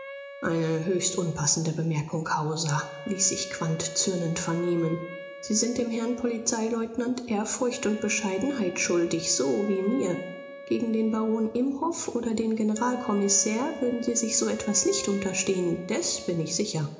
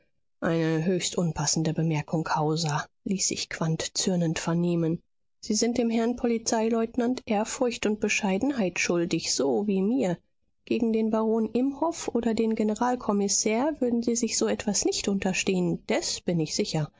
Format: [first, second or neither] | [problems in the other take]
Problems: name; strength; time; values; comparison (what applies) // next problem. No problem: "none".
second | background sound (Wind instrument, woodwind instrument); 15 dB below the speech // room echo; dies away in 0.8 s